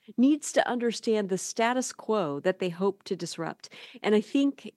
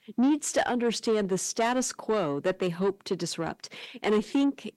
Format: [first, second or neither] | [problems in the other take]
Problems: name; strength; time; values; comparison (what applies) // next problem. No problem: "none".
first | distortion; slight; 10 dB below the speech